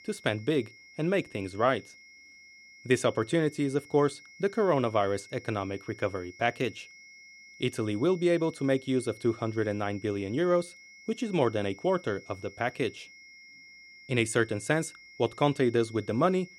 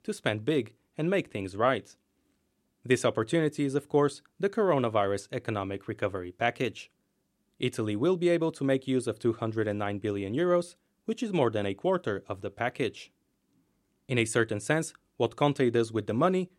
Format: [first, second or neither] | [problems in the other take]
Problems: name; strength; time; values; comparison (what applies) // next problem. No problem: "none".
second | high-pitched whine; faint; throughout; 2 kHz, 20 dB below the speech